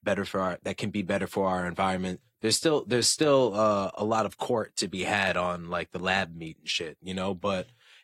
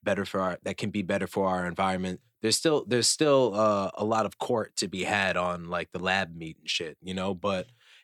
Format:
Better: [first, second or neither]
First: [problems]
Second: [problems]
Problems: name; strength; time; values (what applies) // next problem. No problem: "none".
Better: second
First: garbled, watery; slightly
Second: none